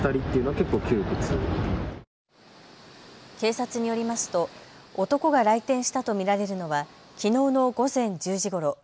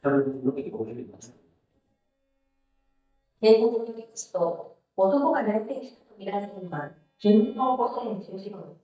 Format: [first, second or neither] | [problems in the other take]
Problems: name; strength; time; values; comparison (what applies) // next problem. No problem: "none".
first | noise reduction (neural mask model DeepFilterNet 3)